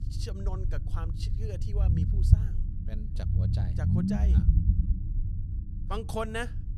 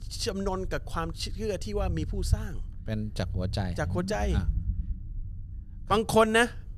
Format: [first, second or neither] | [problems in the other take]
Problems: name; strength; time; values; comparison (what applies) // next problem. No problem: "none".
second | low rumble; loud; throughout; 3 dB below the speech; faint in the second